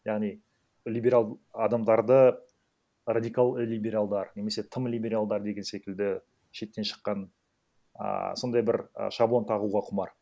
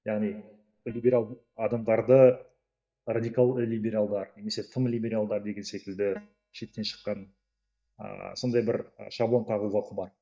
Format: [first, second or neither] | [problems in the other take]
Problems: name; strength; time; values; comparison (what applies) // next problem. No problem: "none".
first | noise reduction (neural mask model DeepFilterNet 3)